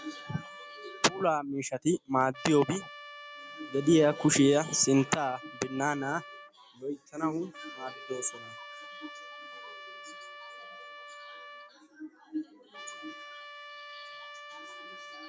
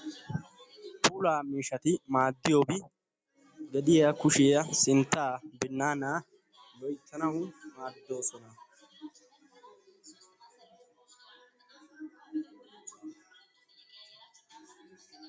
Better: second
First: background sound (Trumpet); 15 dB below the speech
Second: none

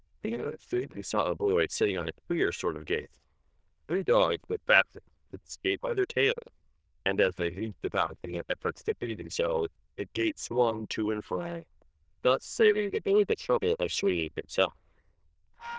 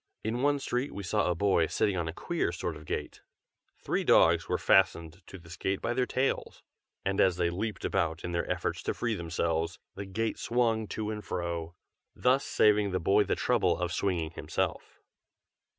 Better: second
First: noise reduction (neural diffusion model UNIVERSE++)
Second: none

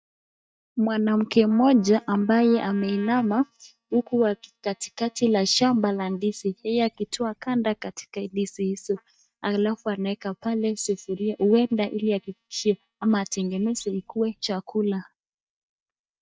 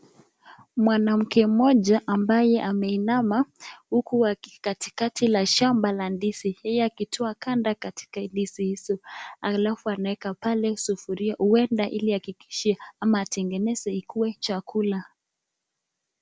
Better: second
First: noise reduction (neural mask model DeepFilterNet 3)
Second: none

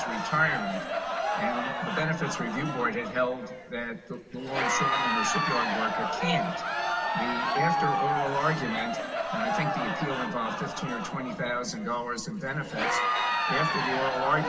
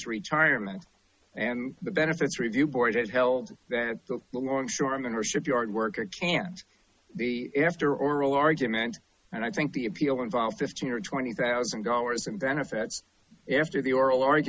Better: second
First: background sound (Crowd); 1 dB above the speech // room echo; dies away in 1.9 s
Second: none

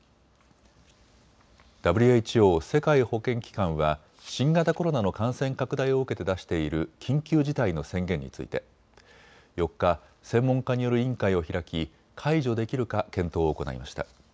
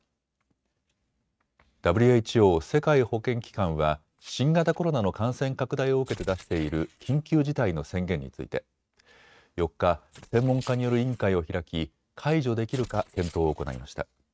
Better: first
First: none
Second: noise reduction (neural mask model RNNoise)

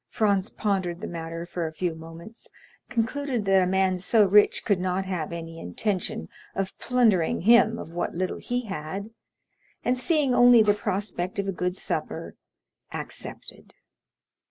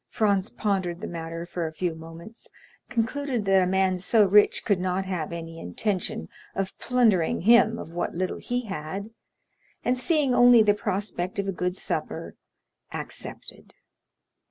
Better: second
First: noise reduction (neural mask model Resemble Enhance denoiser)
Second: none

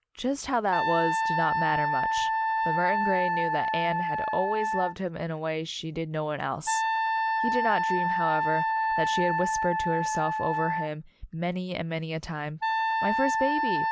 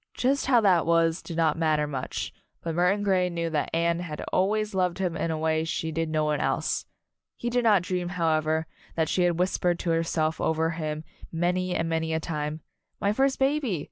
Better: second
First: background sound (Wind instrument, woodwind instrument); 2 dB above the speech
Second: none

